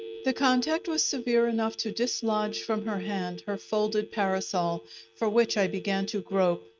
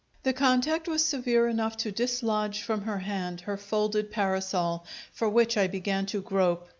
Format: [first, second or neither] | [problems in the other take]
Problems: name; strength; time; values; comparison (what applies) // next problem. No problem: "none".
second | noise reduction (neural mask model RNNoise)